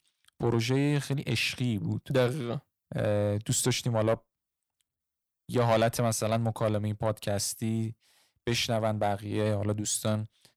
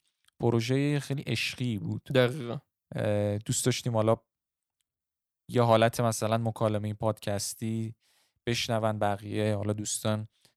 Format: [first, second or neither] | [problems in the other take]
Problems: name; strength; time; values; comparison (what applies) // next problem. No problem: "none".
second | distortion; slight; 10 dB below the speech